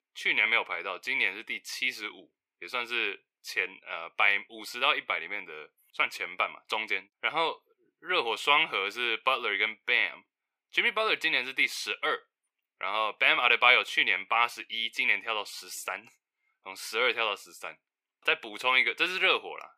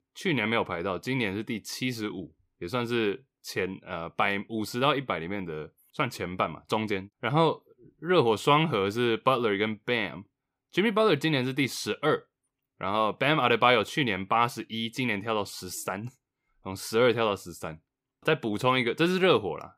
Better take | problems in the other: second | thin; very; fading below 600 Hz

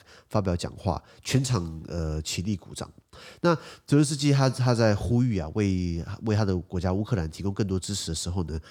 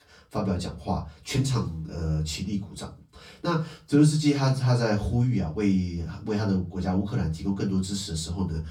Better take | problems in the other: first | off-mic speech; far // room echo; very slight; dies away in 0.2 s

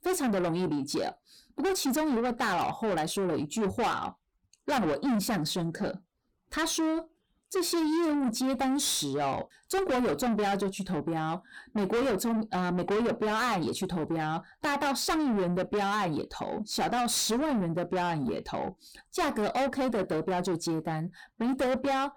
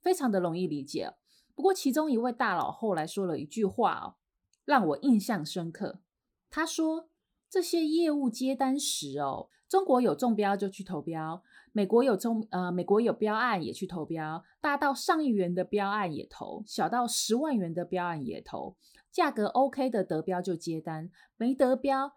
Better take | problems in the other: second | distortion; heavy; 6 dB below the speech

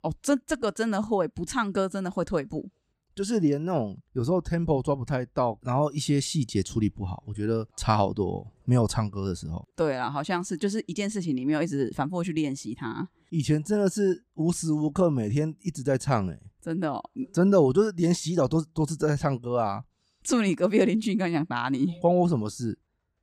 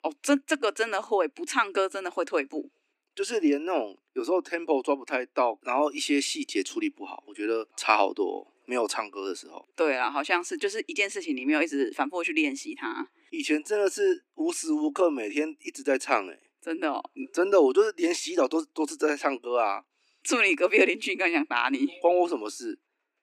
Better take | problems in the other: first | thin; somewhat; fading below 250 Hz

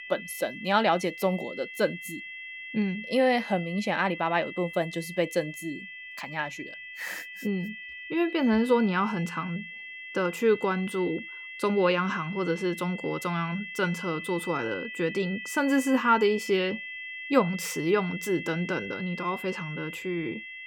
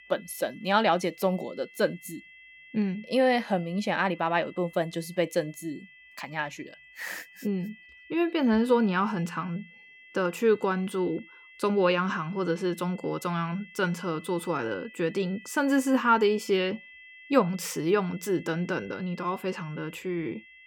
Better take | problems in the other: second | high-pitched whine; loud; throughout; 2 kHz, 10 dB below the speech; faint in the second

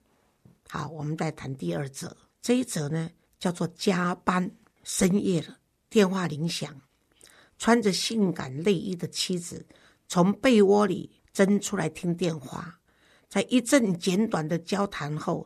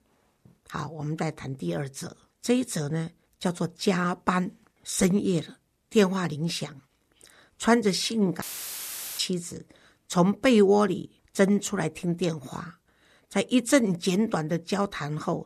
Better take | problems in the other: first | audio cutting out; filled with static; at 8.5 s for 1 s

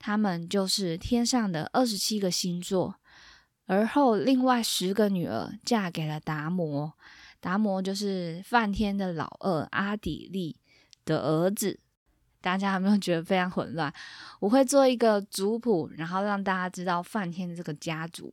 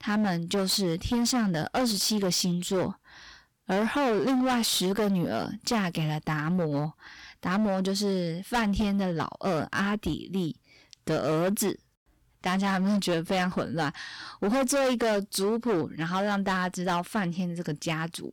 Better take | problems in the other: first | distortion; heavy; 17% of the sound clipped

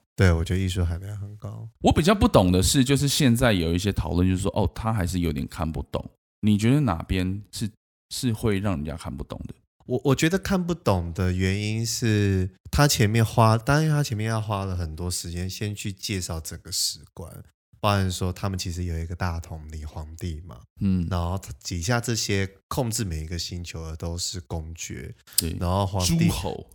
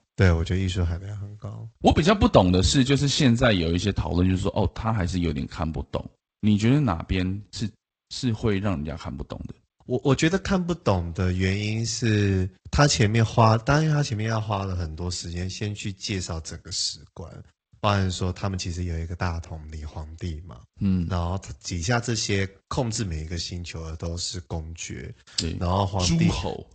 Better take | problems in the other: first | garbled, watery; slightly; nothing above 8 kHz

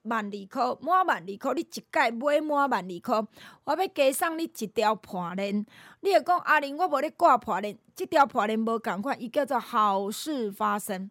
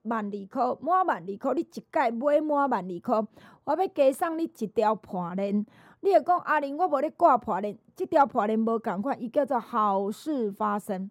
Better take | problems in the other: first | muffled; slightly; fading above 1.5 kHz

